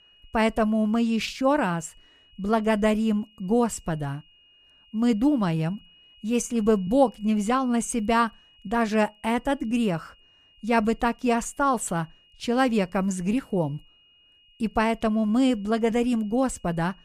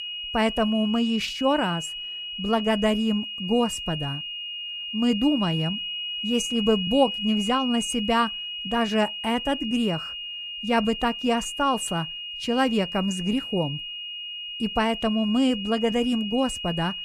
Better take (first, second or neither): first